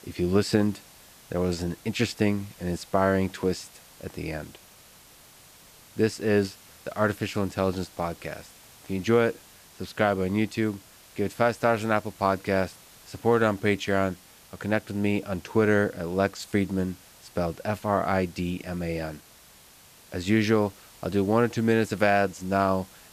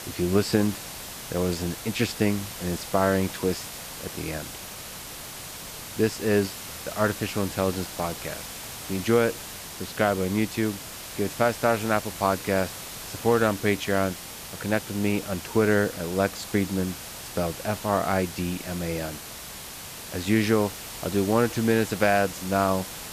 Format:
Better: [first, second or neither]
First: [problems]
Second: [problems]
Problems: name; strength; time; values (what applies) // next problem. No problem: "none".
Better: first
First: hiss; faint; throughout; 25 dB below the speech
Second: hiss; loud; throughout; 10 dB below the speech